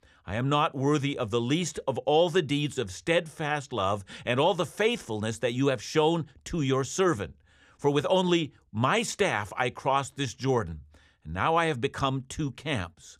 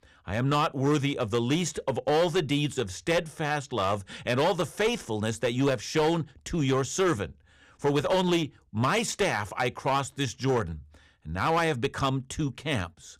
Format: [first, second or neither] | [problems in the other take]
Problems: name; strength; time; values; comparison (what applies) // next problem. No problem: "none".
first | distortion; slight; 8% of the sound clipped